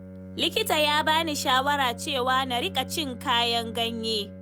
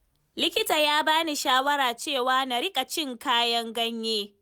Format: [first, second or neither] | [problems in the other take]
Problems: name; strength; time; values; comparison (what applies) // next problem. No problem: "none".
second | background sound (Bowed string instrument); 12 dB below the speech